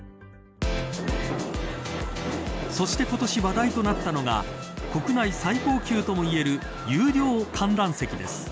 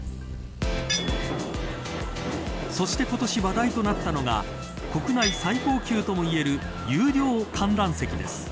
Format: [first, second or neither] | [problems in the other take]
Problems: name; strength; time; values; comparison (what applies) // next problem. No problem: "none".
first | background sound (Bird vocalization, bird call, bird song + Tools); 10 dB below the speech